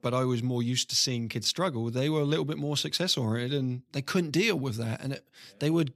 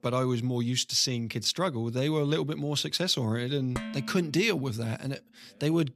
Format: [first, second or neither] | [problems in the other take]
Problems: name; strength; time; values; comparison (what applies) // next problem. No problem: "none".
first | clattering dishes; noticeable; at 4 s; peak 8 dB below the speech